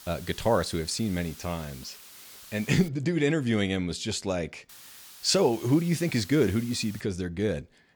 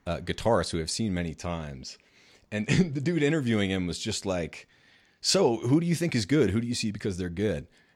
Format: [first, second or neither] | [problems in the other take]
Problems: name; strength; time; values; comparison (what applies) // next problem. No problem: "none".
second | hiss; noticeable; until 3 s and from 4.5 to 7 s; 20 dB below the speech